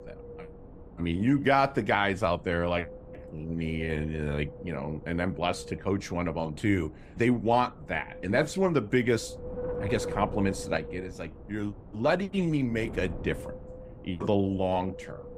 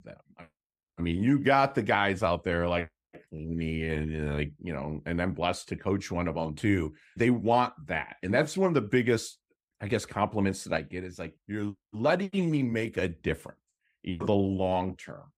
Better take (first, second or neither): second